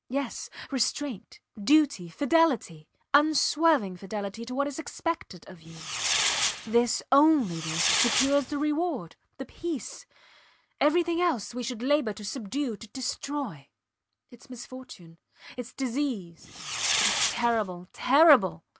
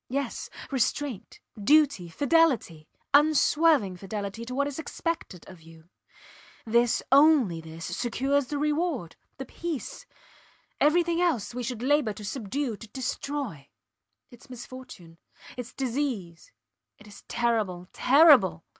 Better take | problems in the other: second | background sound (Fireworks); 2 dB below the speech

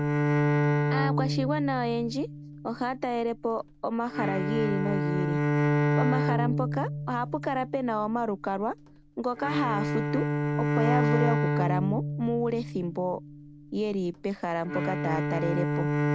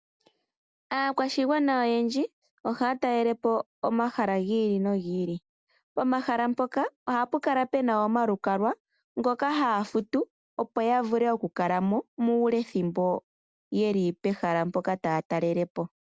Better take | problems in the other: second | background sound (Bowed string instrument); 2 dB above the speech

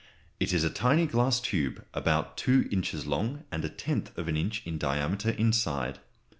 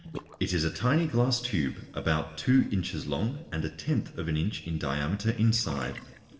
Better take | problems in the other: first | noise reduction (neural separator model SepFormer DNS4)

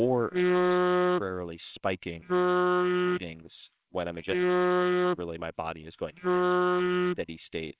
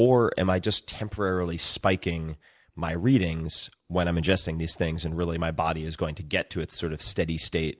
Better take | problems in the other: second | noise reduction (neural separator model SepFormer WHAMR!)

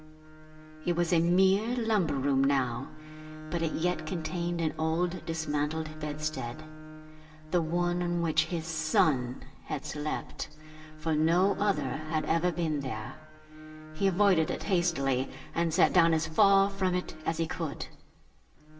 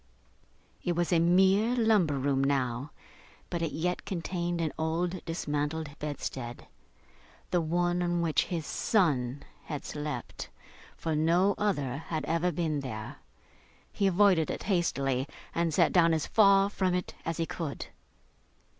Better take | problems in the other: second | background sound (Bowed string instrument); 16 dB below the speech // room echo; dies away in 0.8 s

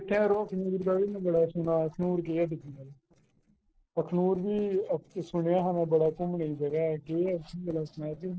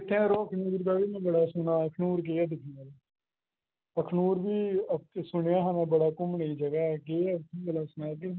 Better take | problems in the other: second | noise reduction (neural separator model SepFormer DNS4)

